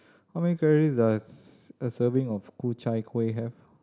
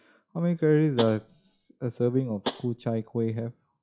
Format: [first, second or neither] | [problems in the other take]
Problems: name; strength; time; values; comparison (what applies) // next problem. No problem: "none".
first | noise reduction (classical method log-MMSE)